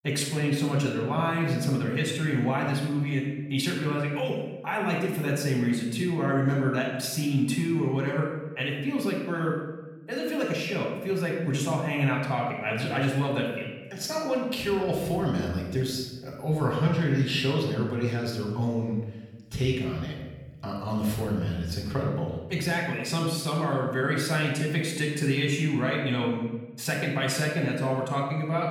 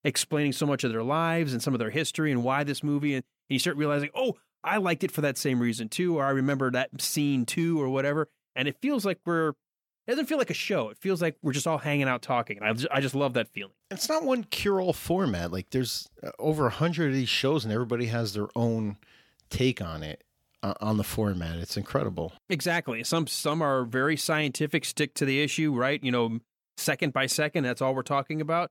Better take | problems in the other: second | off-mic speech; far // room echo; noticeable; dies away in 1 s

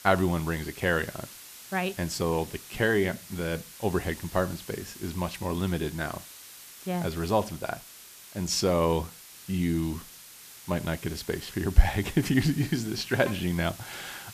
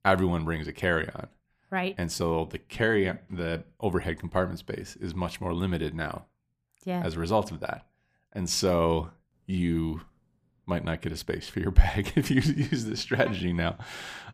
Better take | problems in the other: second | hiss; noticeable; throughout; 15 dB below the speech

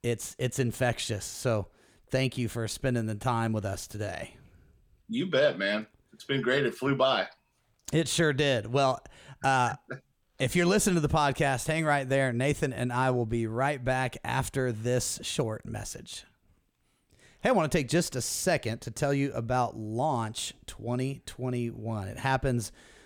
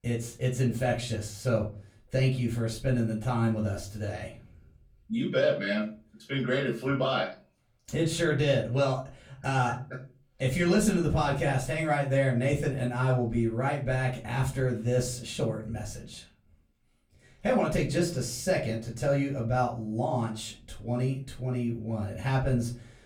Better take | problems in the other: first | off-mic speech; far // room echo; slight; dies away in 0.3 s

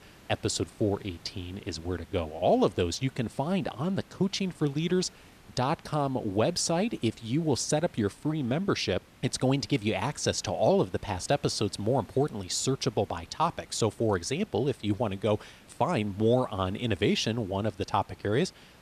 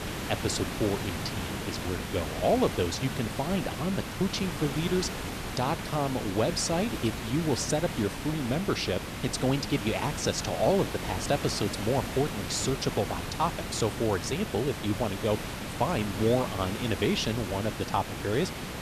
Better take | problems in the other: first | hiss; loud; throughout; 5 dB below the speech; faint in the first

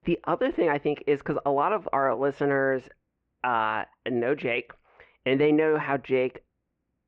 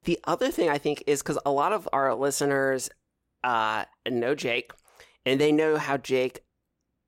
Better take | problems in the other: second | muffled; very; fading above 2.5 kHz

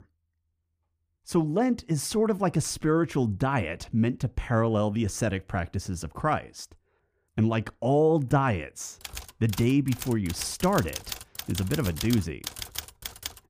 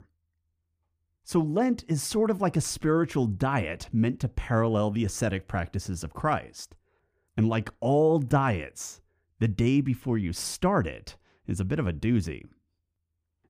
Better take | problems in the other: second | keyboard typing; noticeable; from 9 s on; peak 7 dB below the speech

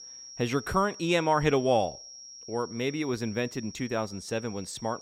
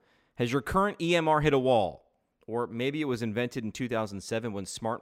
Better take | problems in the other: second | high-pitched whine; noticeable; throughout; 5.5 kHz, 15 dB below the speech

